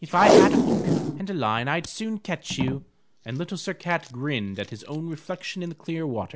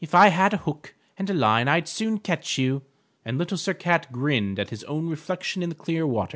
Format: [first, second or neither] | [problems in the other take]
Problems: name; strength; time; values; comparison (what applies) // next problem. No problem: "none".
second | background sound (Packing tape, duct tape); 2 dB above the speech